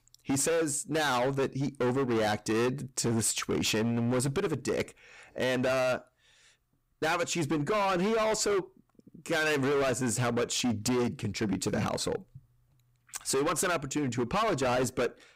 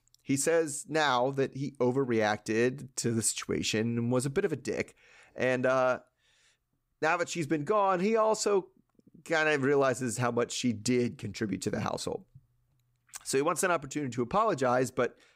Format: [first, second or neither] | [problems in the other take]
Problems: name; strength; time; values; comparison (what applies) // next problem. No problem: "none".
second | distortion; heavy; 21% of the sound clipped